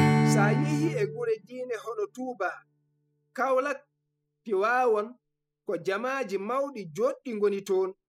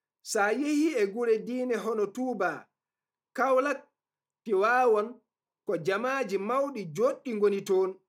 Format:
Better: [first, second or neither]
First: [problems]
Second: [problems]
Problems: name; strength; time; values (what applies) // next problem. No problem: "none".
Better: second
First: noise reduction (classical method spectral subtraction)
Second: none